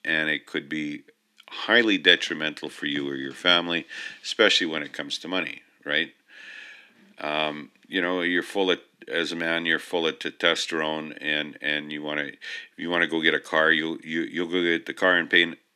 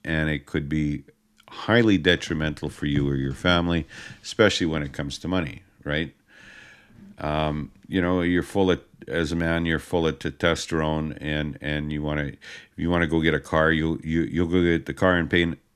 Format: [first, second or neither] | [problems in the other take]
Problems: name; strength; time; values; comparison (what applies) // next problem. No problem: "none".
second | thin; somewhat; fading below 300 Hz